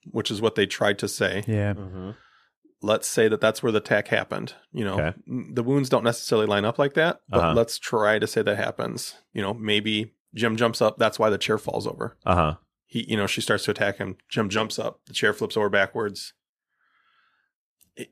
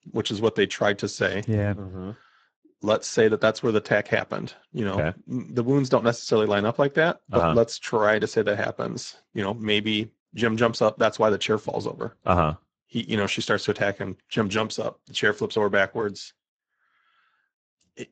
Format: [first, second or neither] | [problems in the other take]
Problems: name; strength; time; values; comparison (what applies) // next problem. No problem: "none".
first | garbled, watery; badly; nothing above 7.5 kHz